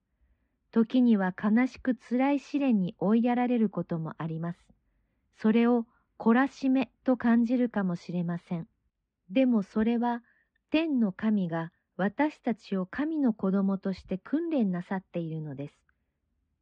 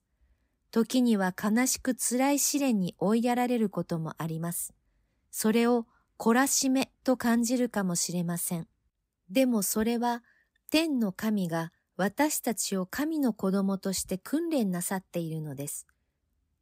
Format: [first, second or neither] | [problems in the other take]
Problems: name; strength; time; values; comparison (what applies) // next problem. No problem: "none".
second | muffled; very; fading above 3 kHz